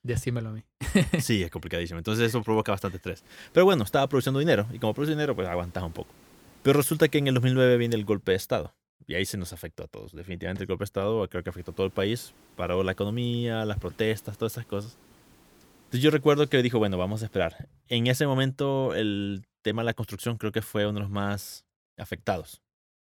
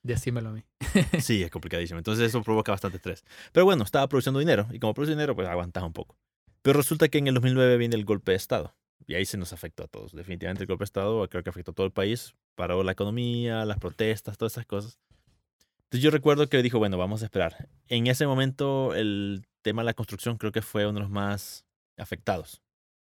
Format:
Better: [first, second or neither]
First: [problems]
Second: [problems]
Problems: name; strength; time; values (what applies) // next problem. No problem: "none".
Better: second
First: hiss; faint; from 3 to 8 s and from 12 to 17 s; 30 dB below the speech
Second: none